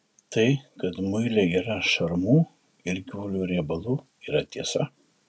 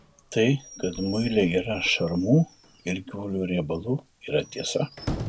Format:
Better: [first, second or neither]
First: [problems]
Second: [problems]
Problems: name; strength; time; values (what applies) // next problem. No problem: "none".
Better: first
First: none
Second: background sound (Squeak / Slam / Wood); 14 dB below the speech